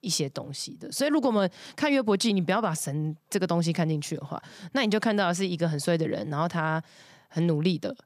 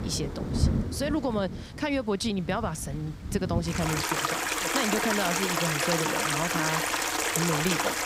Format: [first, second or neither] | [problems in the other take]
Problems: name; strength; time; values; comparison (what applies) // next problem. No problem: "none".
first | rain or running water; very loud; throughout; 3 dB above the speech